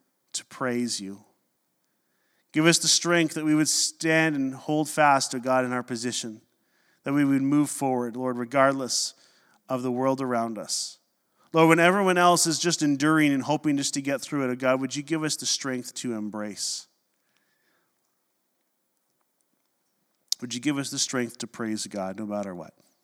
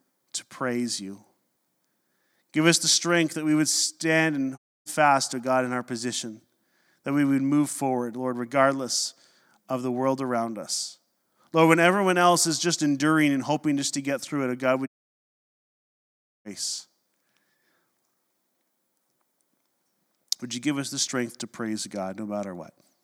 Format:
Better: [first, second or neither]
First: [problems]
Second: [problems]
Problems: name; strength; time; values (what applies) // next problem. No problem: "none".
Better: first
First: none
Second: audio cutting out; at 4.5 s and at 15 s for 1.5 s